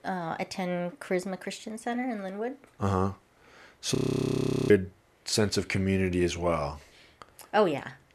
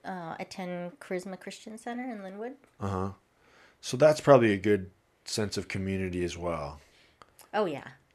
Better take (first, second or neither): second